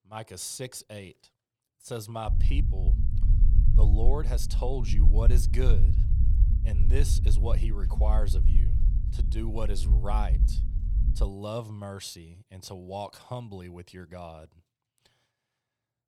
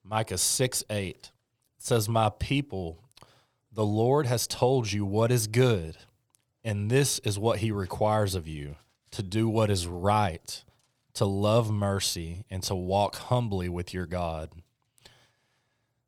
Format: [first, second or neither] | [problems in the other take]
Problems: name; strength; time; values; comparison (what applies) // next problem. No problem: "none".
second | low rumble; loud; from 2.5 to 11 s; 7 dB below the speech